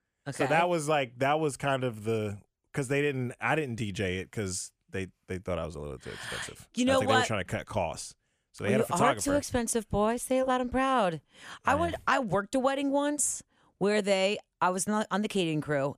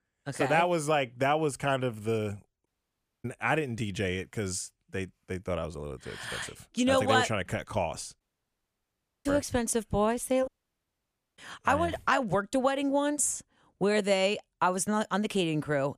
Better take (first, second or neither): first